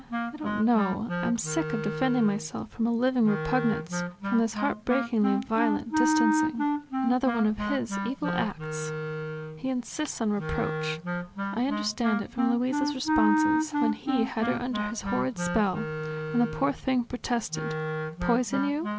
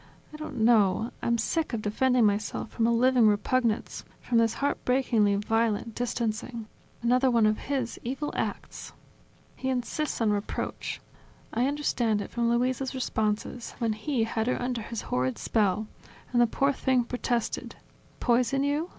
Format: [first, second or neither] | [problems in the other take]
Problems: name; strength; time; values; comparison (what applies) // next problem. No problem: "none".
second | background sound (Wind instrument, woodwind instrument); 2 dB below the speech